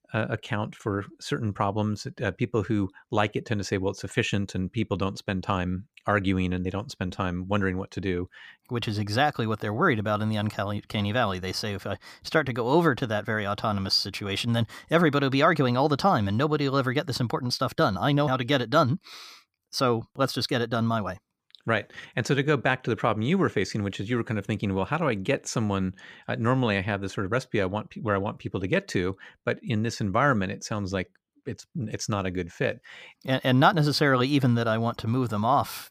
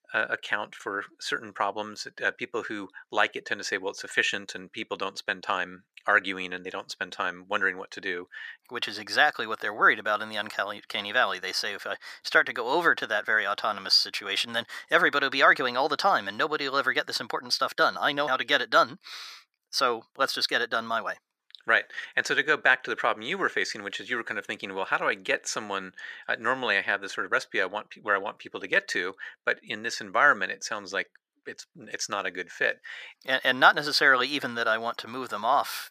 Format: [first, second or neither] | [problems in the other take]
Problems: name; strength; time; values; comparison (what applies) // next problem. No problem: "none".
first | thin; very; fading below 500 Hz